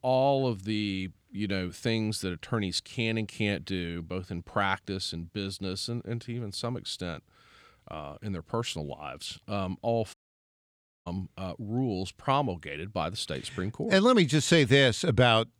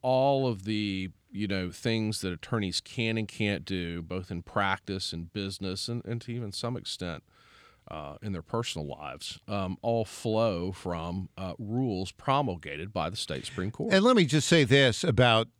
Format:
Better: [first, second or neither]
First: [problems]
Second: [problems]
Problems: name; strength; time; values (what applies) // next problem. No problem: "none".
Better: second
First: audio cutting out; at 10 s for 1 s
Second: none